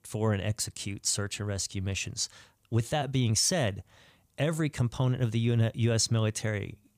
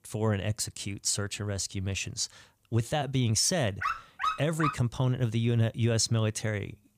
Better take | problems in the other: first | dog barking; noticeable; at 4 s; peak 3 dB below the speech

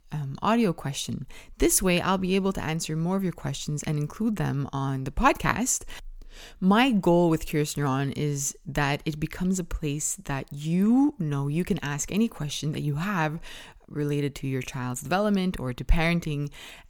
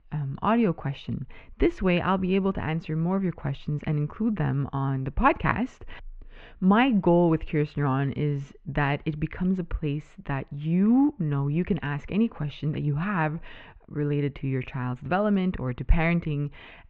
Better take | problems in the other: first | muffled; very; fading above 2.5 kHz

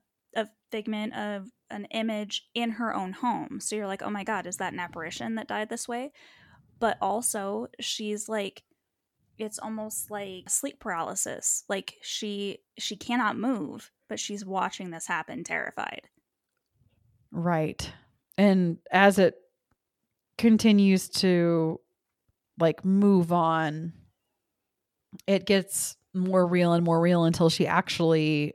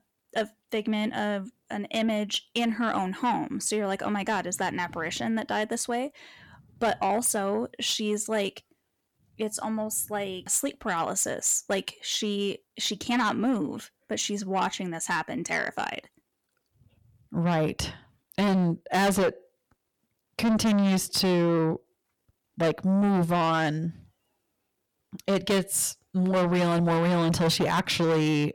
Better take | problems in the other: first | distortion; heavy; 6 dB below the speech

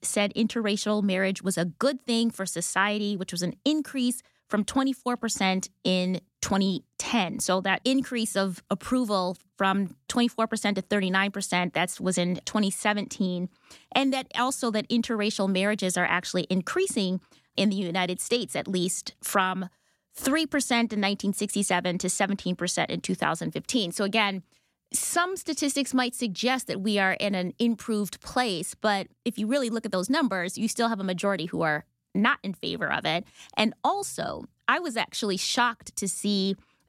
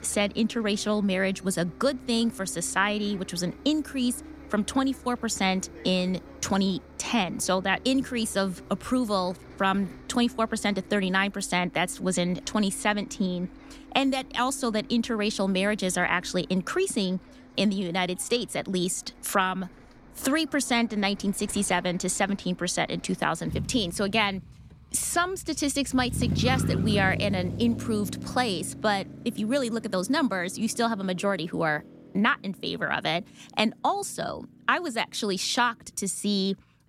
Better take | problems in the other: first | traffic noise; noticeable; throughout; 15 dB below the speech

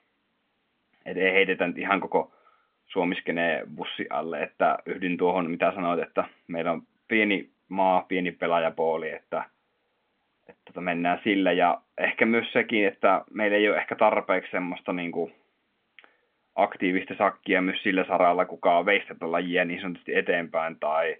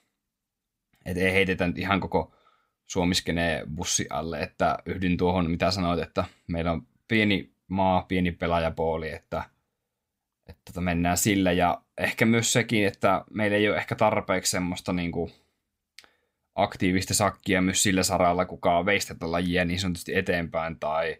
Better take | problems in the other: second | phone-call audio; nothing above 3.5 kHz

